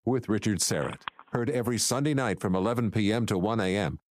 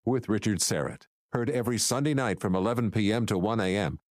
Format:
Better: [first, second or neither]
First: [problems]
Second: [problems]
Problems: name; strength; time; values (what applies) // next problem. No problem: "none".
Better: second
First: phone ringing; faint; at 0.5 s; peak 10 dB below the speech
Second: none